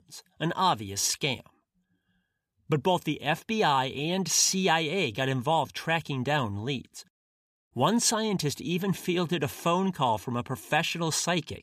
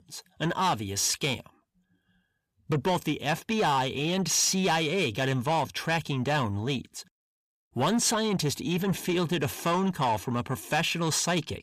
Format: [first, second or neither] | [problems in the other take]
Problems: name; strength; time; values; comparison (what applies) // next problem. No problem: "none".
first | distortion; slight; 10 dB below the speech